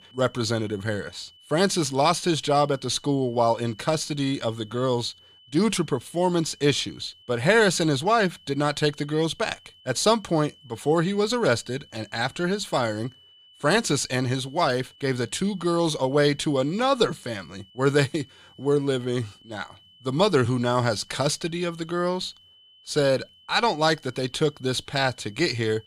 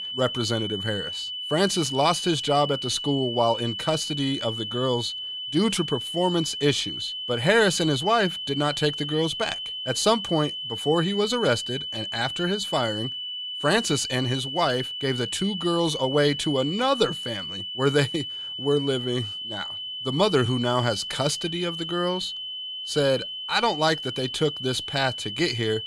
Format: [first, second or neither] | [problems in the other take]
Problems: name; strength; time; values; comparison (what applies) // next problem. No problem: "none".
first | high-pitched whine; loud; throughout; 3 kHz, 5 dB below the speech; faint in the first